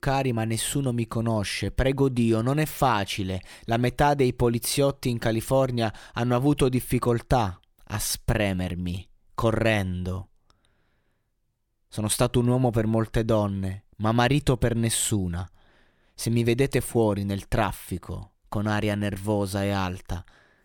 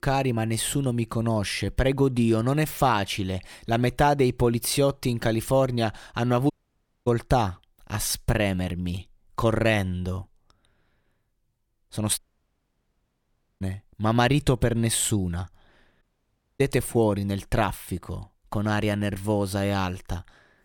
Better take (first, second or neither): first